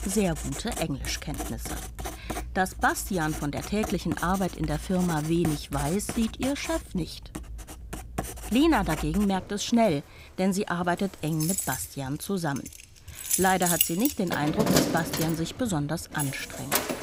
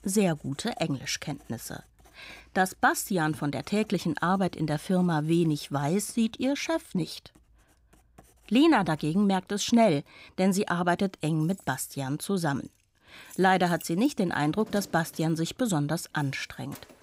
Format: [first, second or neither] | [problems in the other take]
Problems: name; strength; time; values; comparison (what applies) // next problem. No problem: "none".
second | household noises; loud; throughout; 4 dB below the speech; faint in the second